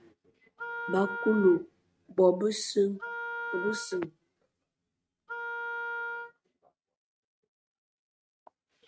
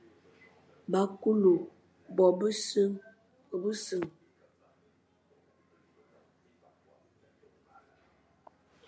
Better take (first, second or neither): second